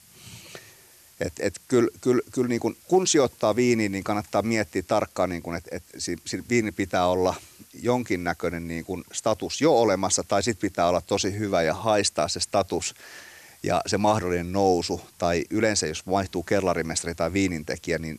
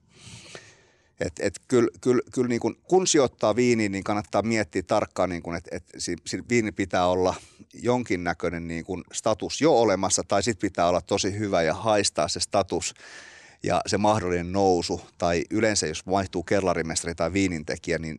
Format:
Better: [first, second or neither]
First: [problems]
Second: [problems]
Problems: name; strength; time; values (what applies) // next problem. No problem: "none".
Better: second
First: hiss; faint; throughout; 25 dB below the speech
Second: none